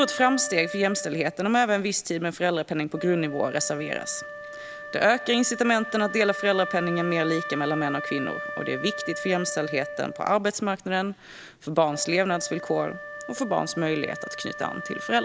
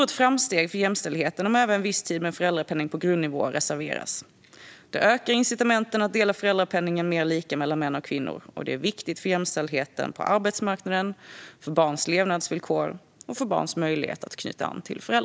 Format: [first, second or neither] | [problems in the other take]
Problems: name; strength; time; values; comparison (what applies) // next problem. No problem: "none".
second | background sound (Wind instrument, woodwind instrument); 10 dB below the speech